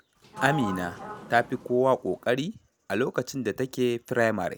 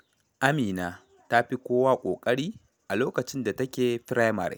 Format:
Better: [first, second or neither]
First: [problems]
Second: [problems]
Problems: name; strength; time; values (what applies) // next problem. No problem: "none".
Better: second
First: background sound (Sliding door); 11 dB below the speech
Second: none